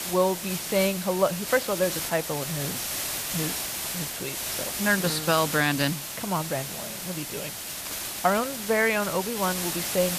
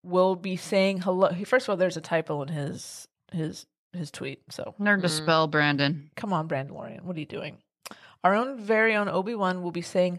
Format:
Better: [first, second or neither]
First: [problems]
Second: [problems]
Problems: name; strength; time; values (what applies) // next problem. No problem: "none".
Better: second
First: hiss; loud; throughout; 3 dB below the speech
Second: none